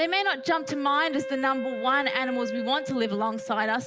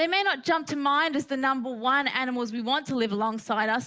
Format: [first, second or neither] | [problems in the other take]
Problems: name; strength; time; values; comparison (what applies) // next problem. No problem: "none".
second | background sound (Wind instrument, woodwind instrument); 8 dB below the speech